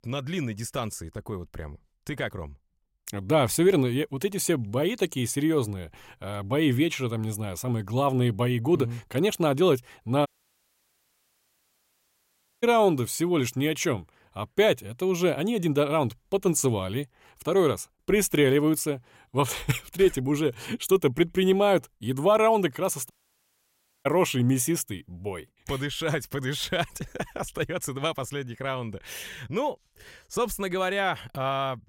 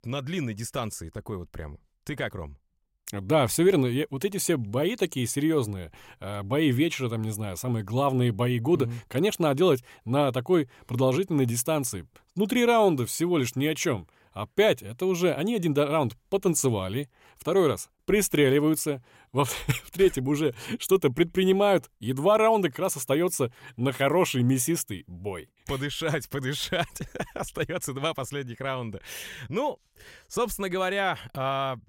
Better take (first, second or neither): second